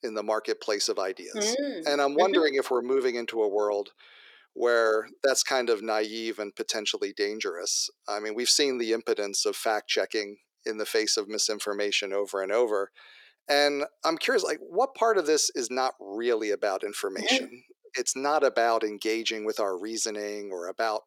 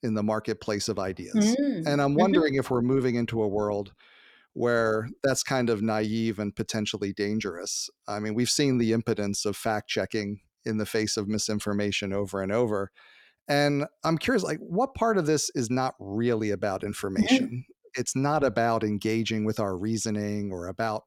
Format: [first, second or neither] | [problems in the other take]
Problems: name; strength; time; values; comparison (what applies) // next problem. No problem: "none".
second | thin; somewhat; fading below 400 Hz